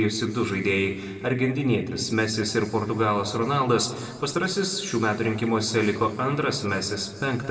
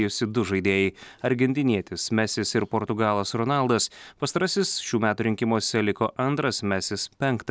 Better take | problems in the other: second | room echo; dies away in 1.8 s

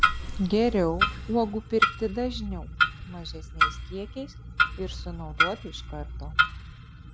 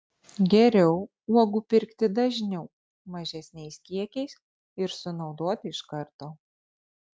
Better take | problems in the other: second | background sound (Clock); 2 dB above the speech

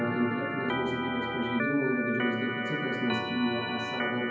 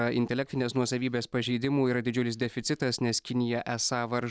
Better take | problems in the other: second | background sound (Organ); 2 dB below the speech // room echo; dies away in 0.9 s

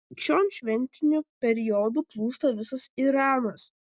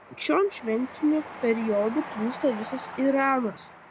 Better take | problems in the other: first | background sound (Train); 14 dB below the speech

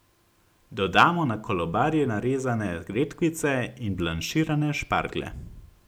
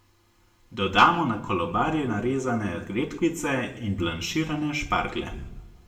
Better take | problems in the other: first | room echo; dies away in 0.6 s

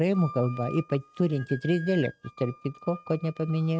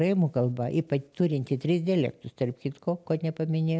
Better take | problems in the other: second | noise reduction (neural mask model RNNoise)

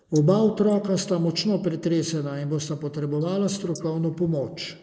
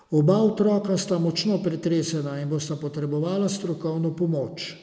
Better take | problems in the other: second | noise reduction (neural mask model Resemble Enhance denoiser)

